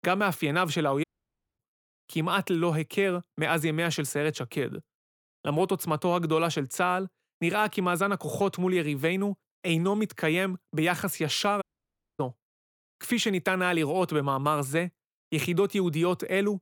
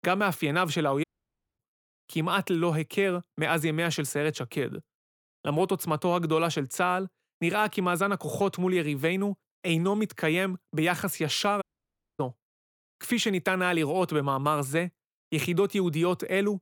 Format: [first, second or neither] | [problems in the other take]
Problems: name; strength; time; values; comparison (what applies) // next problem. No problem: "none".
neither | audio cutting out; at 1 s for 0.5 s and at 12 s for 0.5 s; the same in both